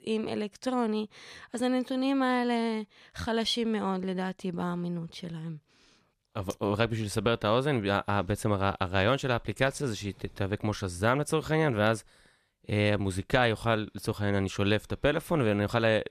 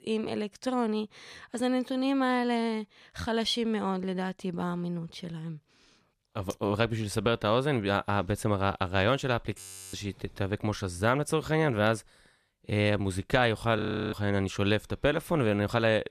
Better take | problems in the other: first | audio freezing; at 9.5 s and at 14 s

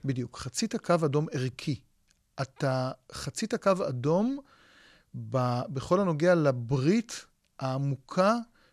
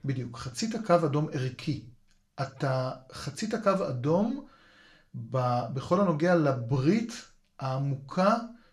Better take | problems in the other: first | room echo; very slight; dies away in 0.3 s // off-mic speech; somewhat distant

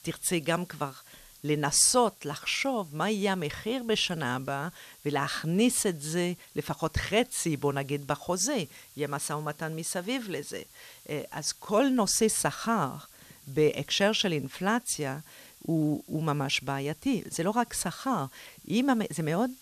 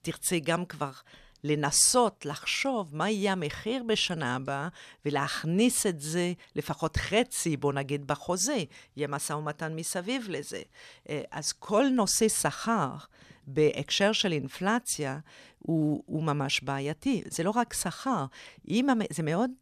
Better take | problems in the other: second | hiss; faint; throughout; 25 dB below the speech

